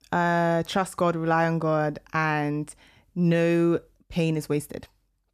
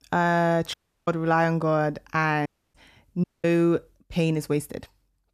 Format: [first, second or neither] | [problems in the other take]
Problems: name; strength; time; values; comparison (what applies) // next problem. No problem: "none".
first | audio cutting out; at 0.5 s, at 2.5 s and at 3 s